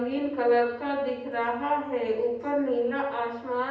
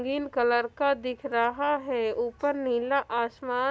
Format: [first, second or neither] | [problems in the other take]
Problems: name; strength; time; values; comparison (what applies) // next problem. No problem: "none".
second | room echo; dies away in 0.9 s